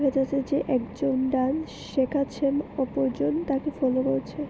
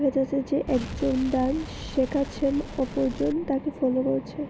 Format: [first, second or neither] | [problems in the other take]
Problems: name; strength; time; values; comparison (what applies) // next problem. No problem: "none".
first | background sound (Explosion); 12 dB below the speech